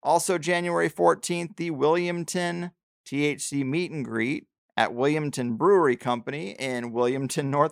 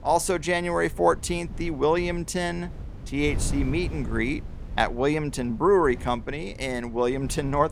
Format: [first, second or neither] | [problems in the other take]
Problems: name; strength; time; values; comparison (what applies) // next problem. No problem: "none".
first | wind noise on the microphone; occasional gusts; 20 dB below the speech